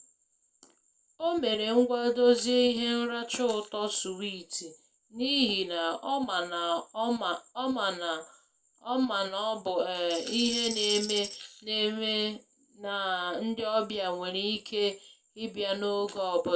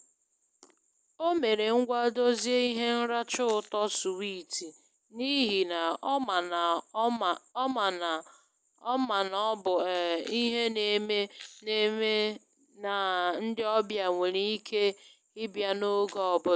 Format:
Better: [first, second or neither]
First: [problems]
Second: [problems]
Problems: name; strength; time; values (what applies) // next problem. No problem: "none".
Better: second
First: background sound (Tambourine); 7 dB below the speech // room echo; dies away in 0.2 s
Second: none